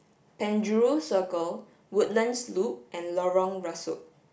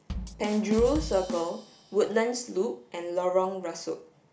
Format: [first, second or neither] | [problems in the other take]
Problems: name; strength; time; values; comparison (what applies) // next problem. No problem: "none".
first | background sound (Bass drum / Drum kit); 11 dB below the speech